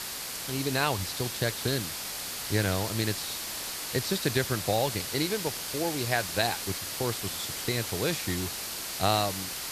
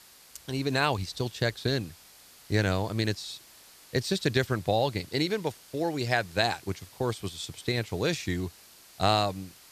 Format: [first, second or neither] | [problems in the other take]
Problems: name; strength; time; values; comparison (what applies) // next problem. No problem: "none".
second | hiss; loud; throughout; 2 dB below the speech; faint in the second